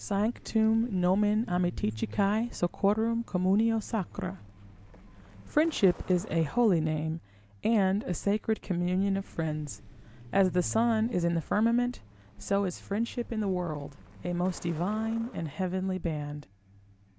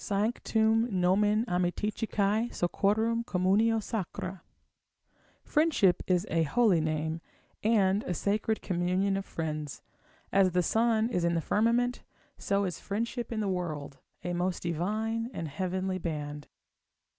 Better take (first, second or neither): second